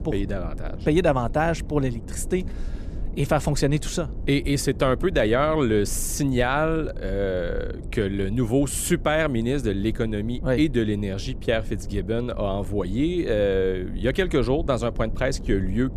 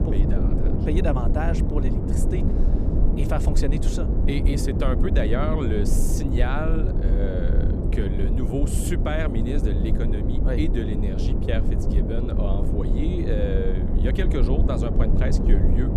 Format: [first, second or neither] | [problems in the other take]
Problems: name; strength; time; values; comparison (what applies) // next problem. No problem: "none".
first | low rumble; loud; throughout; 2 dB below the speech; faint in the first